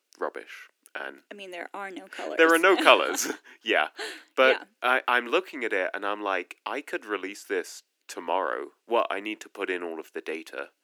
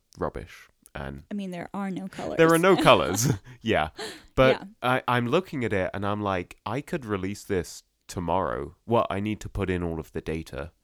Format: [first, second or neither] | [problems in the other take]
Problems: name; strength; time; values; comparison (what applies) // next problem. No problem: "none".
second | thin; somewhat; fading below 300 Hz